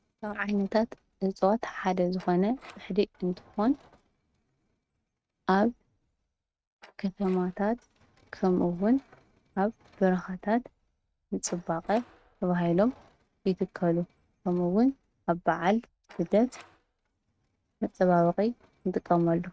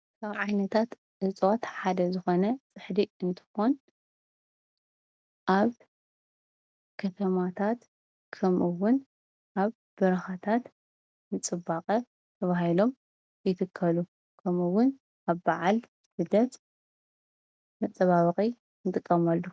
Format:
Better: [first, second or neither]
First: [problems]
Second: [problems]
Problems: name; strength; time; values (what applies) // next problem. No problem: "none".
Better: second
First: noise reduction (neural mask model RNNoise)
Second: none